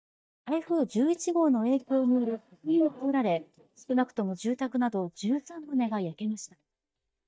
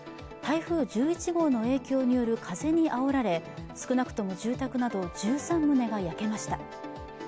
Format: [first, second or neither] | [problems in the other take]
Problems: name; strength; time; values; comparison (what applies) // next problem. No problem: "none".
second | noise reduction (neural mask model DeepFilterNet 3)